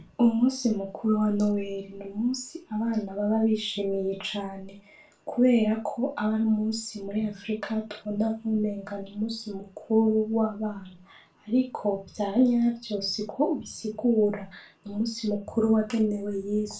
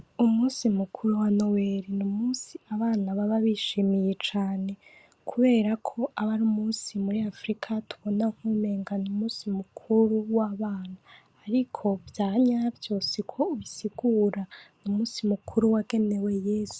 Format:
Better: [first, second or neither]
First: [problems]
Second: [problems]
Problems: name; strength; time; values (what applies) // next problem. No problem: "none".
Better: second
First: room echo; dies away in 0.3 s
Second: none